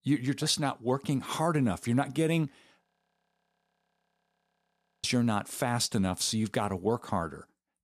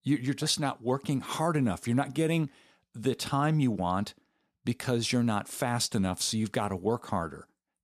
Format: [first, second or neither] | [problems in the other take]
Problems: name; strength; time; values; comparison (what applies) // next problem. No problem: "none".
second | audio freezing; at 3 s for 2 s